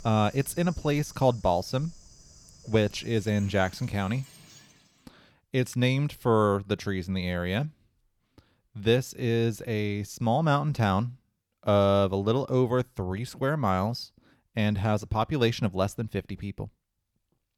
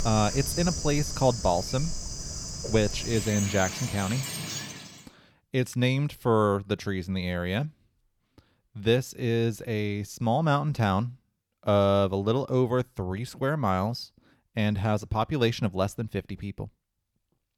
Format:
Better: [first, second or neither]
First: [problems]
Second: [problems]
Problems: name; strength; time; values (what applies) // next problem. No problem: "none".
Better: first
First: animal sounds; faint; until 5 s; 25 dB below the speech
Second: animal sounds; loud; until 5 s; 6 dB below the speech